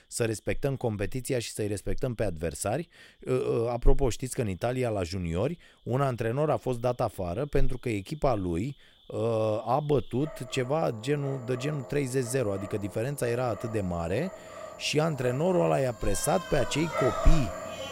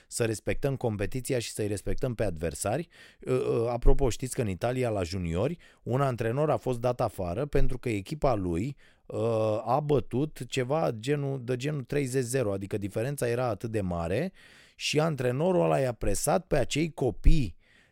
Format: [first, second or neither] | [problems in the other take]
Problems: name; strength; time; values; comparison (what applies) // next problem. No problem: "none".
second | animal sounds; noticeable; throughout; 10 dB below the speech